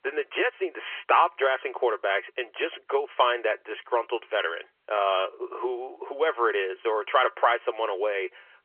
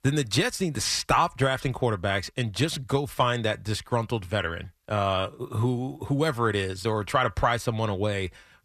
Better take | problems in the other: second | phone-call audio; nothing above 3.5 kHz

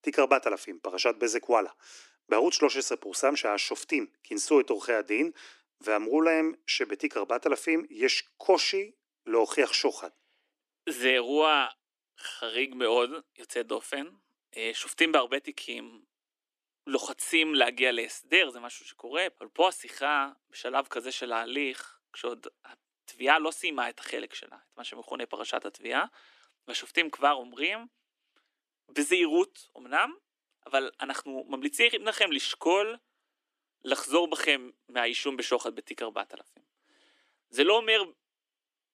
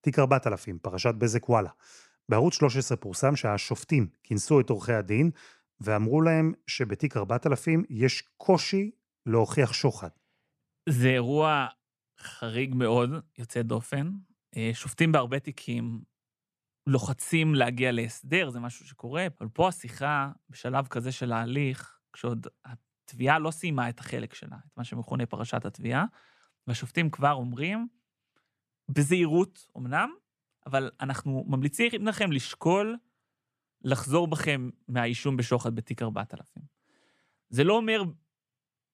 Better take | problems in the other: second | thin; somewhat; fading below 300 Hz

